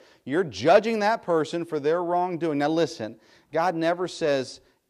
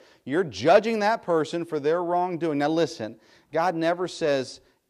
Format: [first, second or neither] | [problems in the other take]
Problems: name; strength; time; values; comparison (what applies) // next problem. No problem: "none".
neither | none